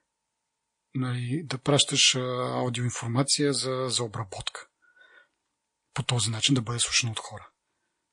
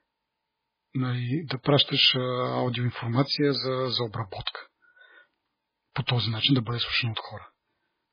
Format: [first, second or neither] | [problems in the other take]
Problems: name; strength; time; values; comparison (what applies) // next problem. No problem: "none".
first | garbled, watery; badly; nothing above 5 kHz; slightly in the first